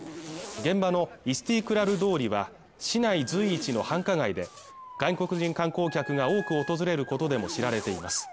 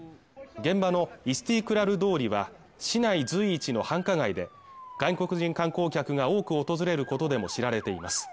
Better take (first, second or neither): second